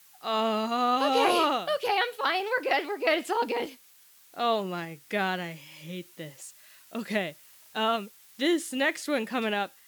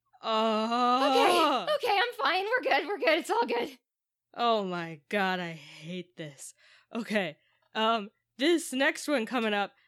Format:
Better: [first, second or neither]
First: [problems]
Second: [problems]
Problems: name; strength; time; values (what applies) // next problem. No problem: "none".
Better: second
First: hiss; faint; throughout; 25 dB below the speech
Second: none